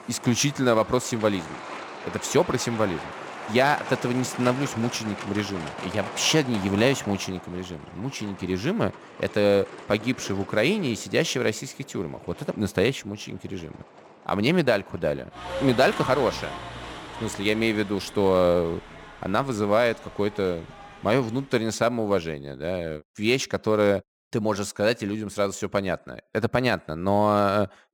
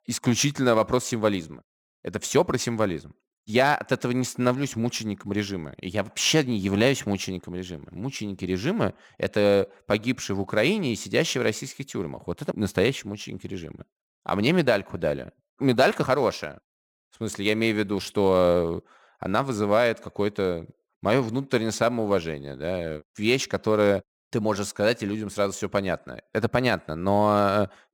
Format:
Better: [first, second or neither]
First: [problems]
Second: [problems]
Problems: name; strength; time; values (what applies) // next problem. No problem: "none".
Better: second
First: traffic noise; noticeable; until 22 s; 15 dB below the speech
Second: none